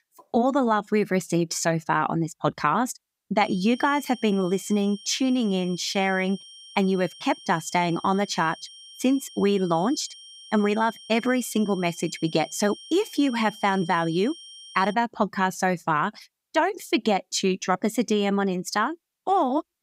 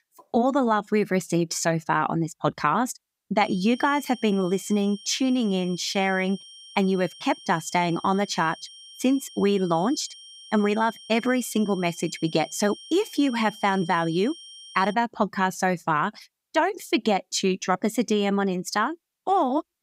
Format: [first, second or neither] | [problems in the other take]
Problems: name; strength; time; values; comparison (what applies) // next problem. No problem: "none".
neither | high-pitched whine; noticeable; from 3.5 to 15 s; 3 kHz, 20 dB below the speech; the same in both